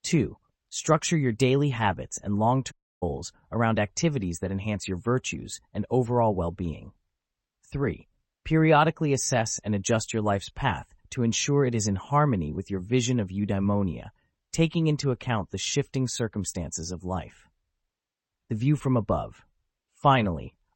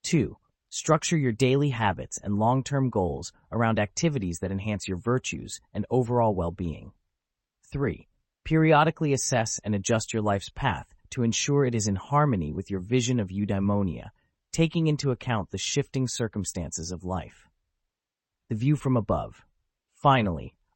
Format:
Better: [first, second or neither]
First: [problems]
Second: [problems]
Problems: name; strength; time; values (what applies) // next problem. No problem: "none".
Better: second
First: audio cutting out; at 2.5 s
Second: none